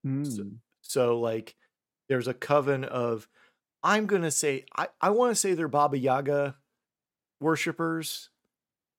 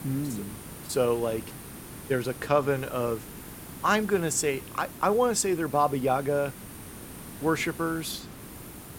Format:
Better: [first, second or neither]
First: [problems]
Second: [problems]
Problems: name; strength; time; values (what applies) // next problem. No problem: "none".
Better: first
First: none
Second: hiss; noticeable; throughout; 15 dB below the speech